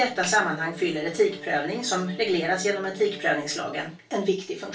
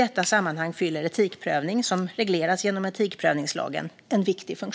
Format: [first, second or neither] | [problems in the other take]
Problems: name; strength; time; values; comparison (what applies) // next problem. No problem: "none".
second | background sound (Brass instrument); 18 dB below the speech // room echo; dies away in 0.2 s